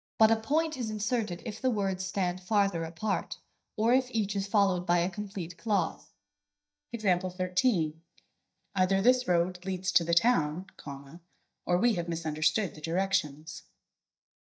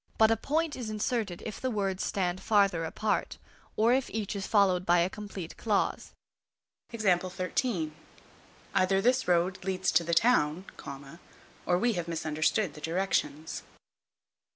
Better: second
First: noise reduction (neural mask model DeepFilterNet 3)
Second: none

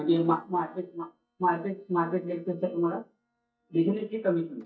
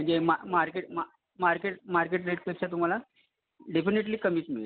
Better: second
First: noise reduction (neural mask model DeepFilterNet 3)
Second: none

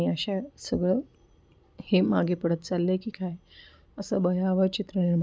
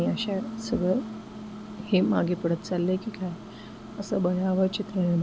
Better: first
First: none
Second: background sound (Microwave oven); 11 dB below the speech

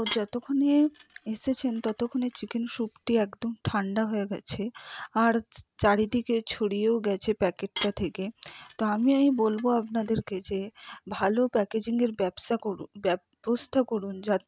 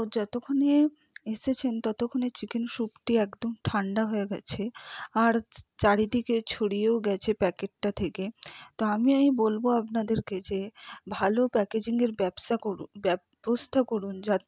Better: second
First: background sound (Dishes, pots, and pans / Glass); 17 dB below the speech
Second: none

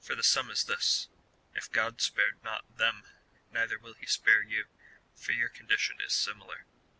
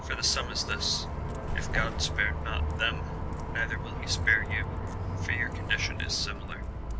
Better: first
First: none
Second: background sound (Bus); as loud as the speech

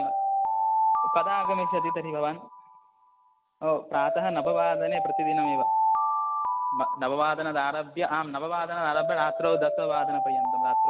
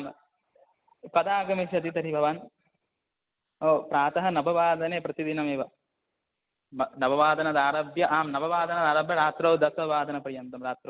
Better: second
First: background sound (Alarm); 2 dB above the speech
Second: none

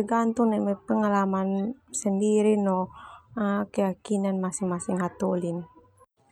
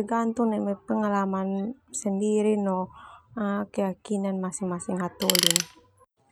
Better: first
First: none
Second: background sound (Tools); 2 dB above the speech

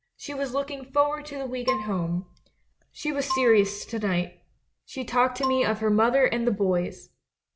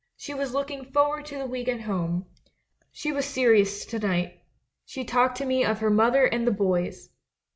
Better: second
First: background sound (Marimba, xylophone); 10 dB below the speech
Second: none

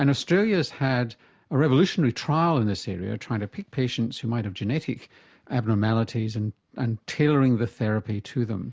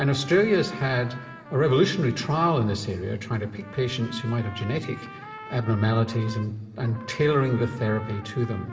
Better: first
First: none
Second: background sound (Trumpet); 18 dB below the speech // room echo; dies away in 2.7 s

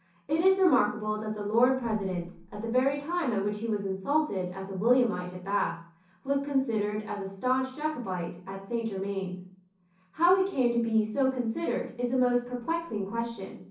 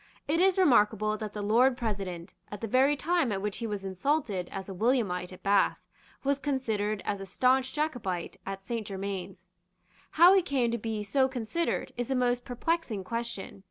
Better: second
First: room echo; dies away in 0.6 s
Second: none

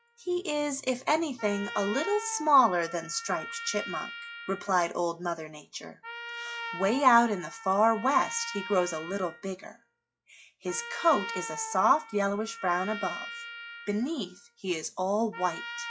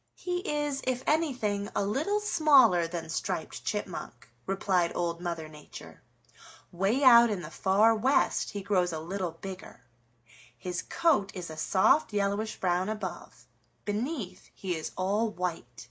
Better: second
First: noise reduction (classical method log-MMSE)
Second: none

